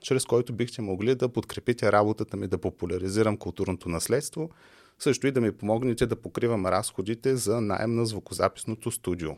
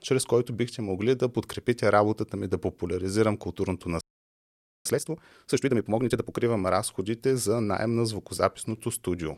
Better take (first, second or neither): first